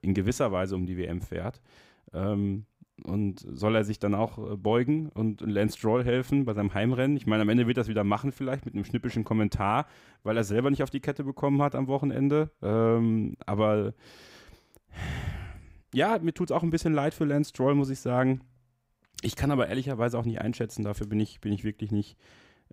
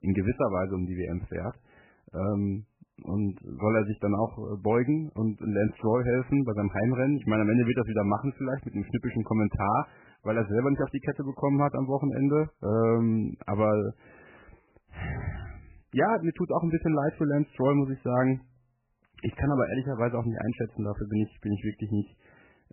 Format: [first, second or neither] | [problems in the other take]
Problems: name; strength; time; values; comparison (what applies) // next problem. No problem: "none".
first | garbled, watery; badly; nothing above 3 kHz